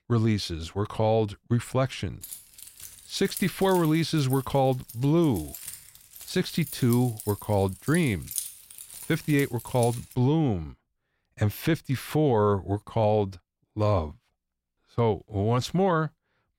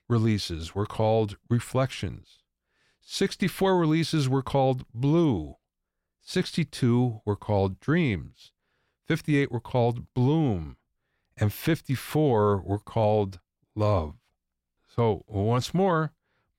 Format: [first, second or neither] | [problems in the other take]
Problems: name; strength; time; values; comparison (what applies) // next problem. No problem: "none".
second | jangling keys; noticeable; from 2 to 10 s; peak 6 dB below the speech